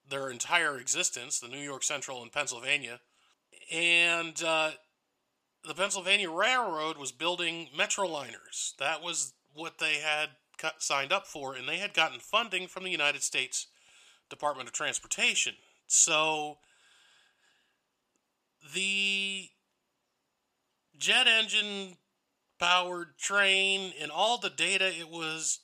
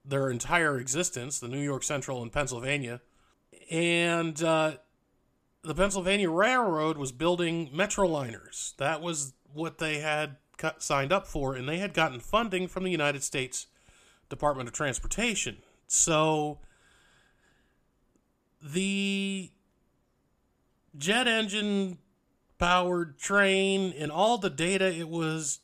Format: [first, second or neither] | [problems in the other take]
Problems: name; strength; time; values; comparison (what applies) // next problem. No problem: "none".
second | thin; somewhat; fading below 700 Hz